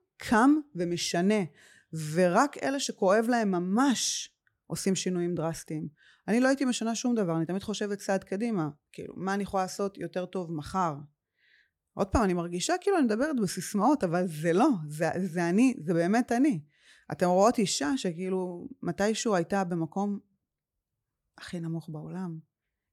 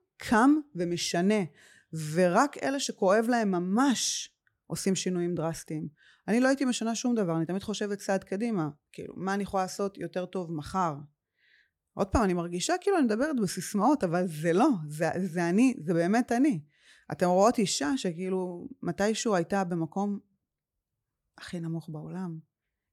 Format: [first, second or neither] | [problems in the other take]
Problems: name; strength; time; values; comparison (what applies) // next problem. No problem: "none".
neither | none